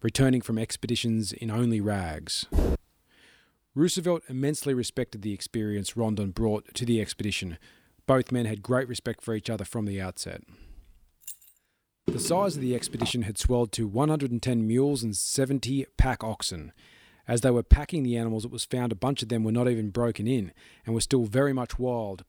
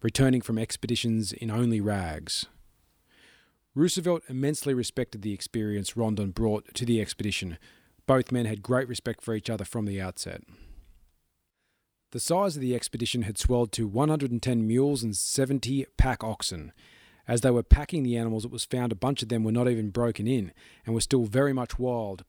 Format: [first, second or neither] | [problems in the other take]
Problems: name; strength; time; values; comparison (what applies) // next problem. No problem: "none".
second | footsteps; noticeable; at 2.5 s and from 12 to 13 s; peak level with the speech // jangling keys; faint; at 11 s; peak 15 dB below the speech